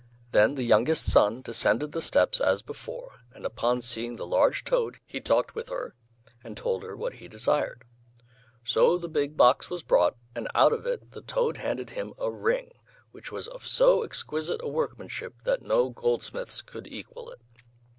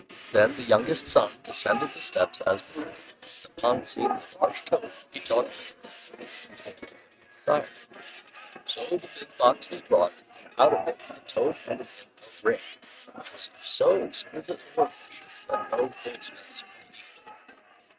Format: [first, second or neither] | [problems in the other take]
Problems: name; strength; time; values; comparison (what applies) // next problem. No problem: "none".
first | noise reduction (neural mask model RNNoise)